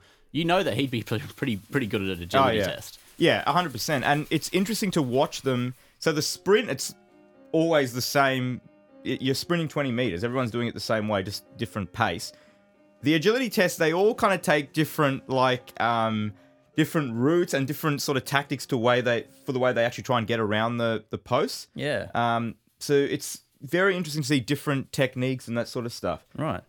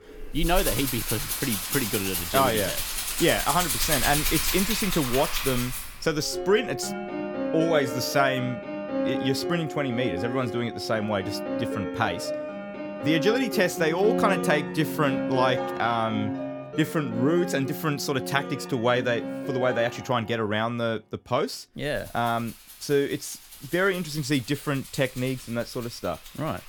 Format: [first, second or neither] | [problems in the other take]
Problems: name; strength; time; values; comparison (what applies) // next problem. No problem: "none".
first | background music; loud; throughout; 3 dB below the speech; faint in the first